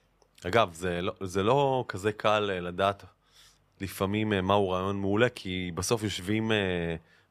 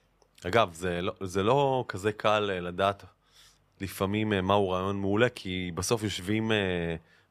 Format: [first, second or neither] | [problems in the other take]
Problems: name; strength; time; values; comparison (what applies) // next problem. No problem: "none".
neither | none